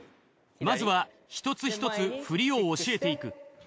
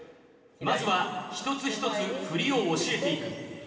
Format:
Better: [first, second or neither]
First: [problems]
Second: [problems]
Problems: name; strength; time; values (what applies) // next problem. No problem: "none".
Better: first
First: none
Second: room echo; dies away in 2.5 s